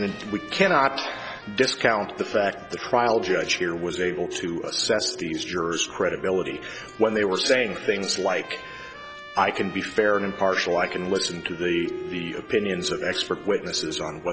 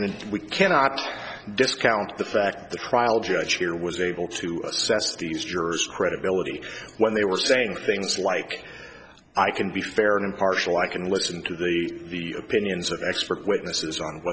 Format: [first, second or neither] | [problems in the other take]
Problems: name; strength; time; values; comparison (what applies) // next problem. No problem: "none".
second | background sound (Trumpet + Glass); 14 dB below the speech